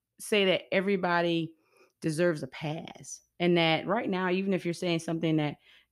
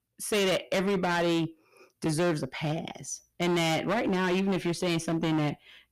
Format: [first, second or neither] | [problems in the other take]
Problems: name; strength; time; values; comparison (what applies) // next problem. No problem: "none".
first | distortion; heavy; 19% of the sound clipped